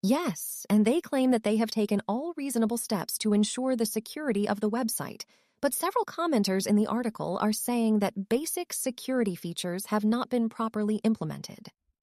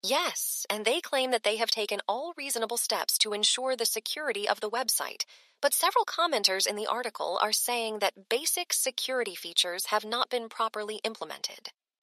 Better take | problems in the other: first | thin; very; fading below 500 Hz

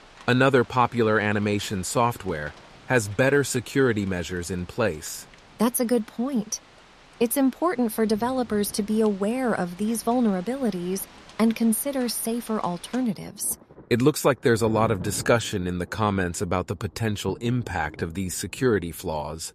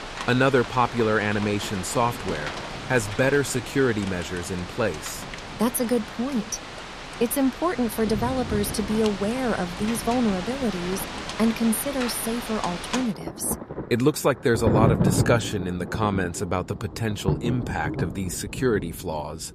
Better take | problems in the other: first | rain or running water; loud; throughout; 6 dB below the speech; faint in the first

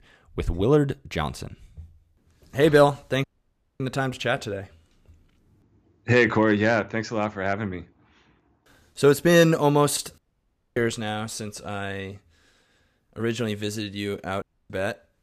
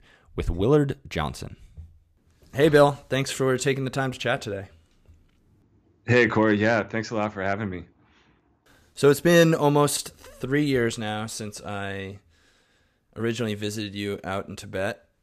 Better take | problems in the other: second | audio cutting out; at 3 s for 0.5 s, at 10 s for 0.5 s and at 14 s

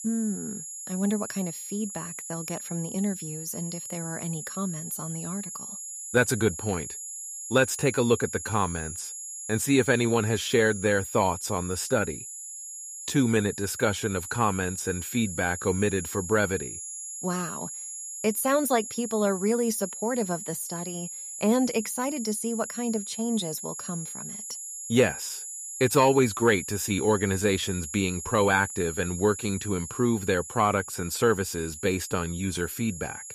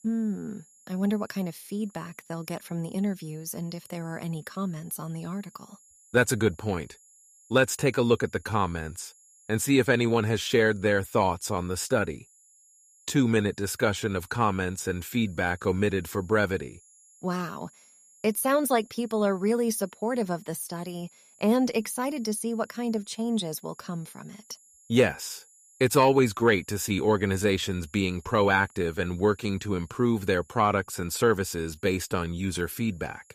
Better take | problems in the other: second | high-pitched whine; loud; throughout; 7 kHz, 8 dB below the speech; faint in the second

